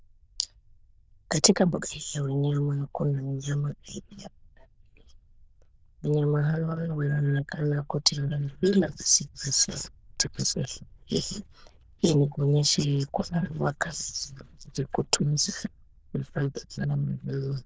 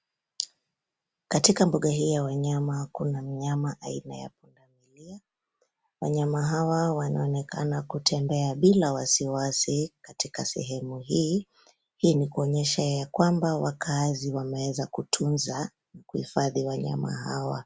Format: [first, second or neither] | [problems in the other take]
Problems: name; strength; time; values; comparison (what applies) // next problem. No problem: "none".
second | noise reduction (neural diffusion model UNIVERSE++)